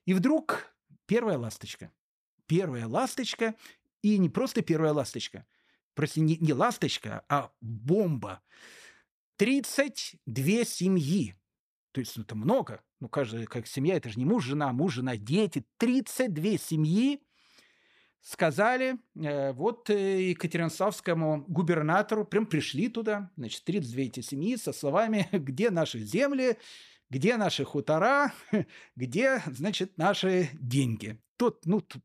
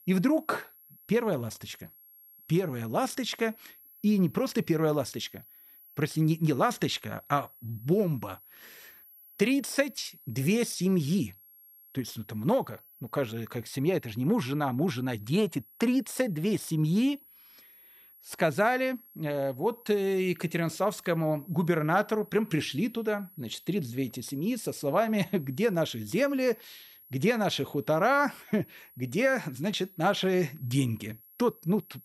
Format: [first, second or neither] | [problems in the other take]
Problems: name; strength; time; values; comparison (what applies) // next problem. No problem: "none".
first | high-pitched whine; faint; throughout; 11.5 kHz, 25 dB below the speech